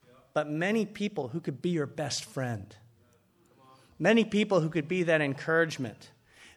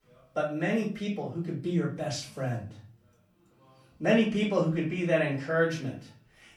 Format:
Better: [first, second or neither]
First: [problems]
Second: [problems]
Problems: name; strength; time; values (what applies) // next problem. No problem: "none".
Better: first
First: none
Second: off-mic speech; far // room echo; slight; dies away in 0.3 s